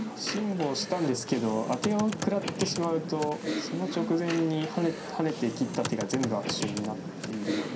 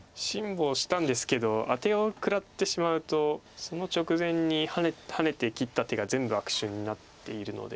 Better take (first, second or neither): second